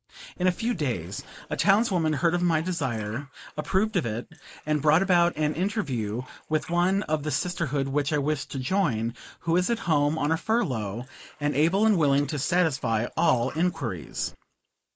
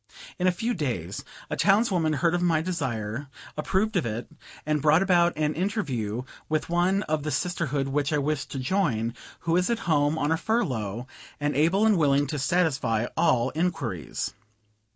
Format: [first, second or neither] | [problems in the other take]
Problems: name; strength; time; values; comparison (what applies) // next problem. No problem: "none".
second | noise reduction (neural mask model Resemble Enhance denoiser)